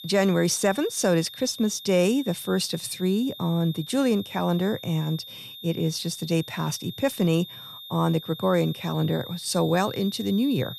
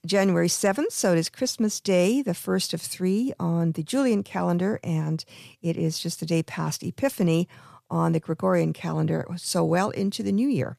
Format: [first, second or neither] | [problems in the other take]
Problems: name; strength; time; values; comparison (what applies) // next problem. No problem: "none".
second | high-pitched whine; noticeable; throughout; 3.5 kHz, 15 dB below the speech